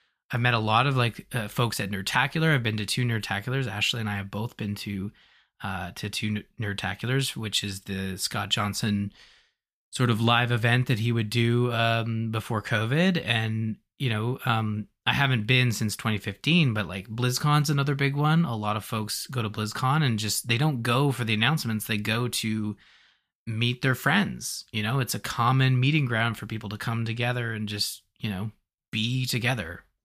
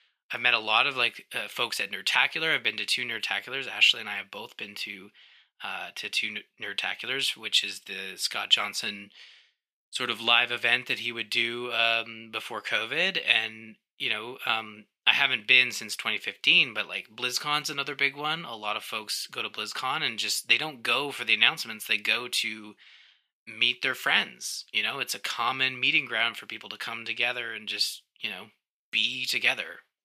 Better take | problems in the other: first | thin; very; fading below 450 Hz

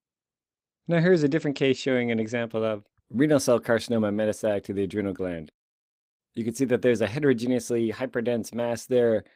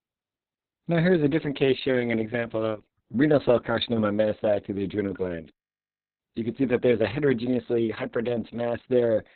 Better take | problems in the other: first | garbled, watery; badly; nothing above 4 kHz; slightly in the first

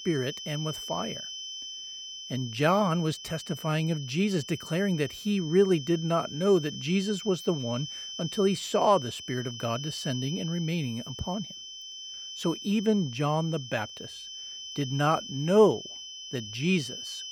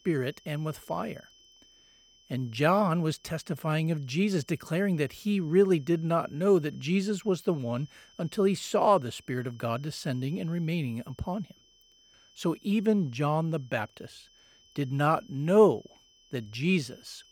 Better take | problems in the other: second | high-pitched whine; loud; throughout; 3 kHz, 10 dB below the speech; faint in the second

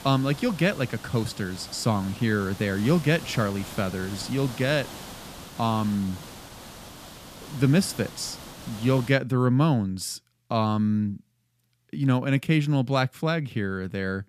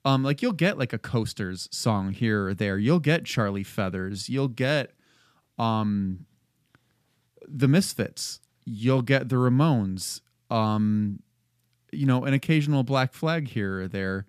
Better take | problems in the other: second | hiss; noticeable; until 9 s; 15 dB below the speech

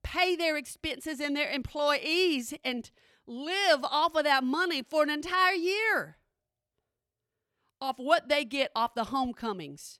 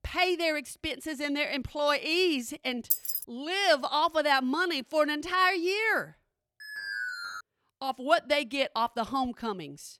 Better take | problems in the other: first | jangling keys; loud; at 3 s; peak 1 dB above the speech // alarm; noticeable; at 6.5 s; peak 5 dB below the speech

